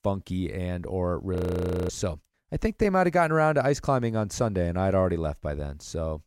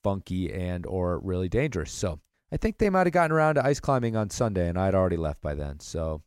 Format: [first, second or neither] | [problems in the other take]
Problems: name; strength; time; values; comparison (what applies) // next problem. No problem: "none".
second | audio freezing; at 1.5 s for 0.5 s